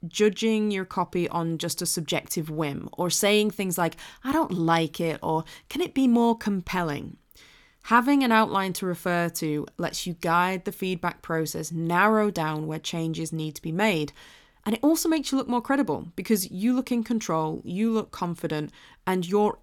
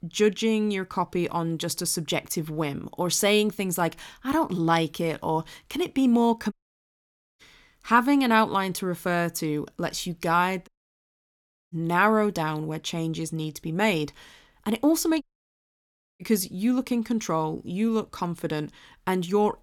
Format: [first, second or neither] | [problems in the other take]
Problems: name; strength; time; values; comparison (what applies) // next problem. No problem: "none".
first | audio cutting out; at 6.5 s for 1 s, at 11 s for 1 s and at 15 s for 1 s